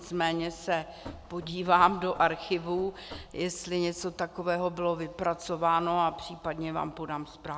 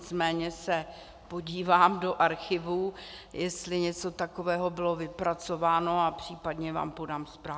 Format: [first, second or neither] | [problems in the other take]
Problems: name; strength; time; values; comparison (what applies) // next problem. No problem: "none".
second | background sound (Knock / Wood); 19 dB below the speech